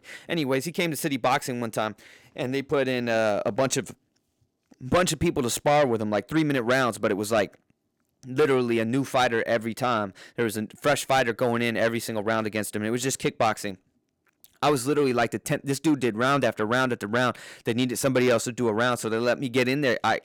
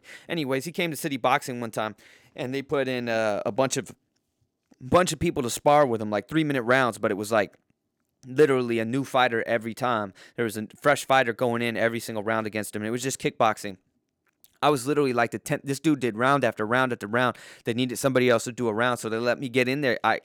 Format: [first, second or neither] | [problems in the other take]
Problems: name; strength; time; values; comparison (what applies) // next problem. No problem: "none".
second | distortion; slight; 10 dB below the speech